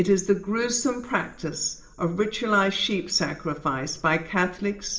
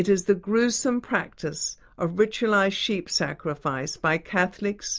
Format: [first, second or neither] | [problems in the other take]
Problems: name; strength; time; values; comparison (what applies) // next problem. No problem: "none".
second | room echo; dies away in 1.2 s